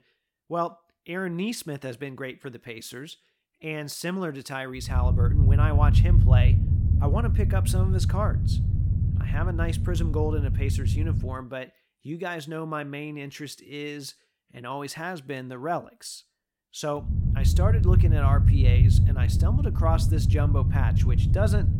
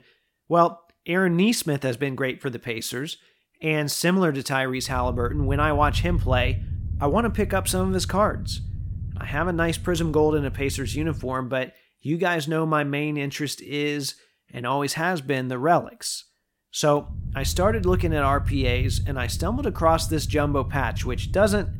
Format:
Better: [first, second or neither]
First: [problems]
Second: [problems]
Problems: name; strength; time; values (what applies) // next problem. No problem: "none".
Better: second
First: low rumble; loud; from 5 to 11 s and from 17 s on; 4 dB below the speech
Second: low rumble; faint; from 5 to 11 s and from 17 s on; 20 dB below the speech